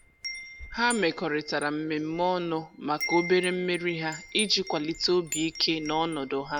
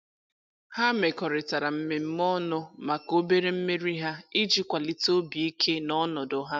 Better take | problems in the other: second | background sound (Wind chime); 12 dB below the speech

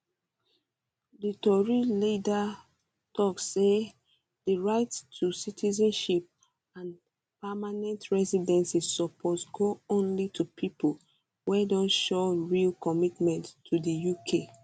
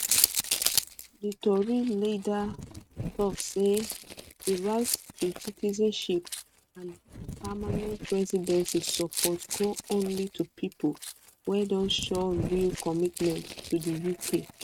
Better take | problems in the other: first | noise reduction (neural mask model RNNoise)

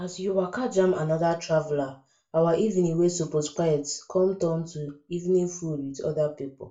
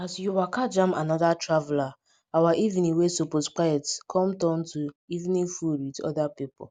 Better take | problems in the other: second | room echo; dies away in 0.3 s

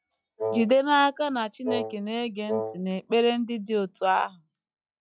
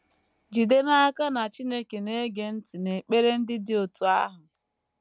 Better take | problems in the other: second | noise reduction (classical method log-MMSE)

